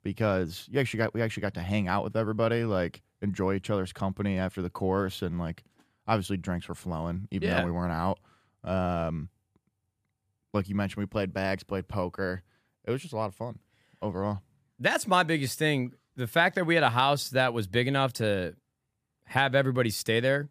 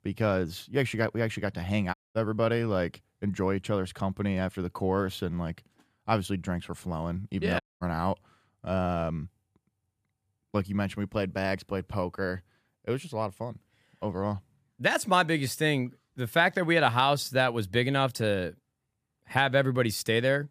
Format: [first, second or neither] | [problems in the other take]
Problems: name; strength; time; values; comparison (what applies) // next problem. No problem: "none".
first | audio cutting out; at 2 s and at 7.5 s